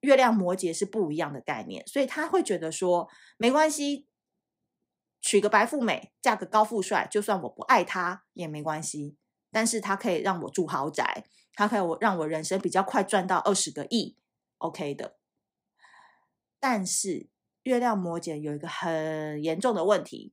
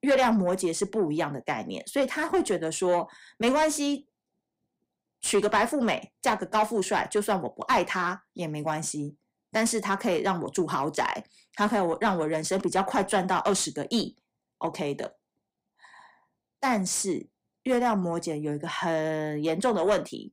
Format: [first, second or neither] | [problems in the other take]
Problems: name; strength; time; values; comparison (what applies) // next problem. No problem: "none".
first | distortion; slight; 10 dB below the speech